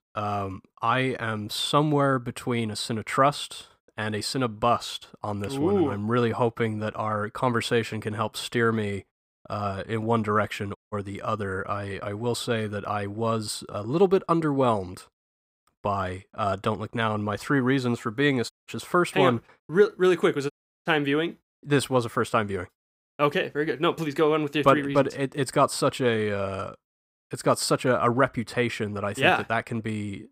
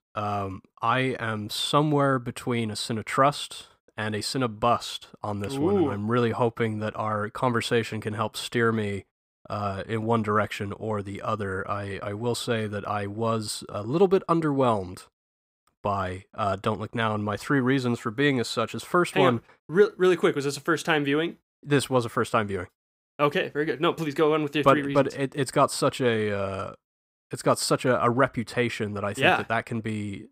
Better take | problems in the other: second | audio cutting out; at 11 s, at 19 s and at 21 s

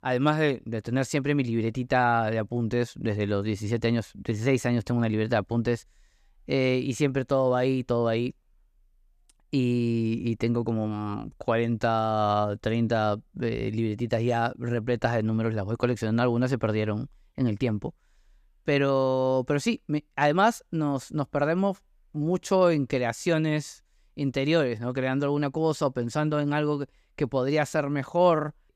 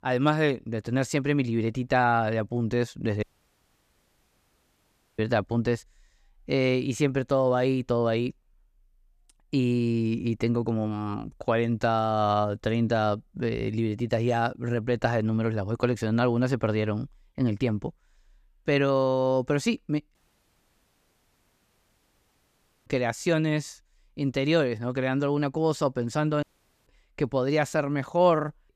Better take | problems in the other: first | audio cutting out; at 3 s for 2 s, at 20 s for 2.5 s and at 26 s

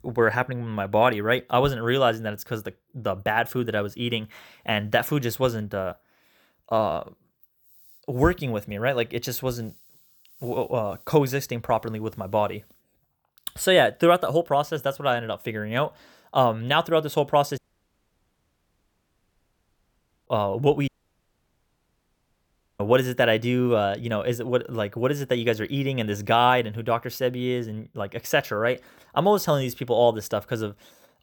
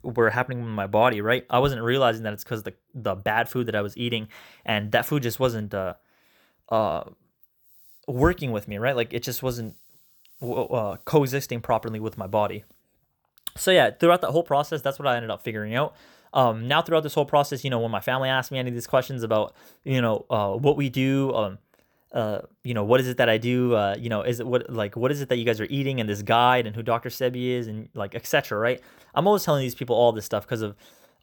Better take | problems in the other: second | audio cutting out; at 18 s for 2.5 s and at 21 s for 2 s

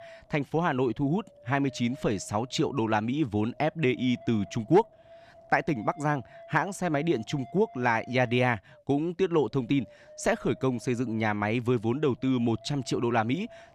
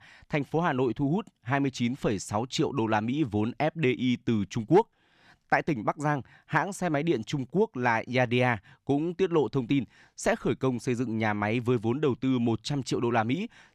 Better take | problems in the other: second | wind noise on the microphone; occasional gusts; 20 dB below the speech

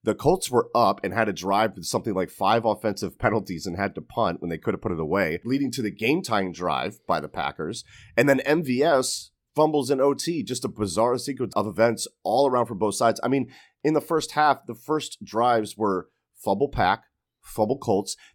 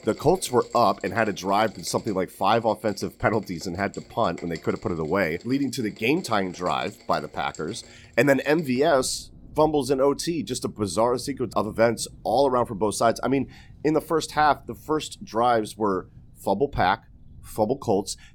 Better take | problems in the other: first | rain or running water; faint; throughout; 25 dB below the speech

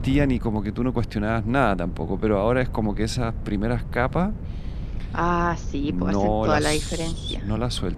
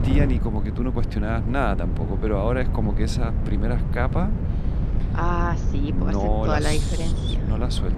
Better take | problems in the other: first | wind noise on the microphone; heavy; 8 dB below the speech; occasional gusts in the first

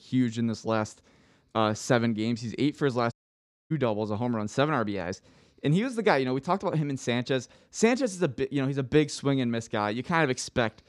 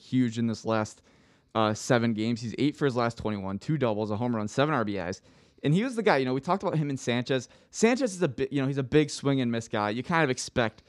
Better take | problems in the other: second | audio cutting out; at 3 s for 0.5 s

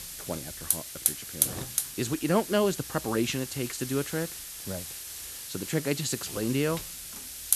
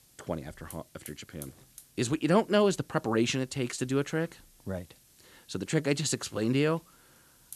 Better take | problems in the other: second | hiss; loud; throughout; 3 dB below the speech; faint in the second

